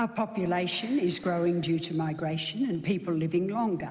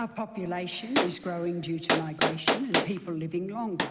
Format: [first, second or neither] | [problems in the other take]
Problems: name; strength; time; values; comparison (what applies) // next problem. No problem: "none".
first | background sound (Gunshot, gunfire); 1 dB above the speech